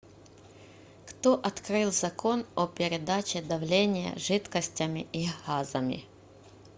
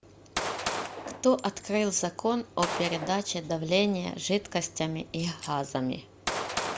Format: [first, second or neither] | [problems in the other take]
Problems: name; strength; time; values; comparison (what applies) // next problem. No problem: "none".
first | background sound (Gunshot, gunfire); 8 dB below the speech